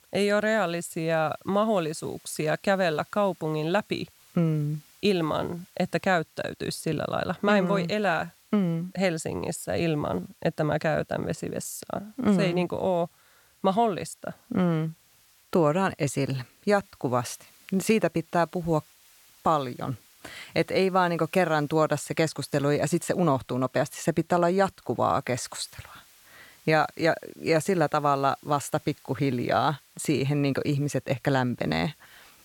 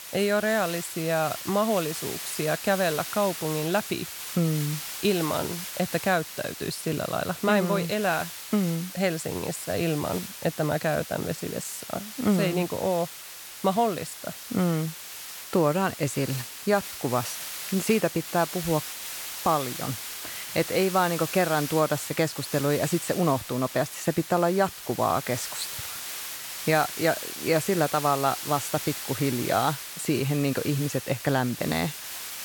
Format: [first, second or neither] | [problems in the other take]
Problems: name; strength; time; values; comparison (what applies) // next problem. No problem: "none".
first | hiss; loud; throughout; 8 dB below the speech; faint in the first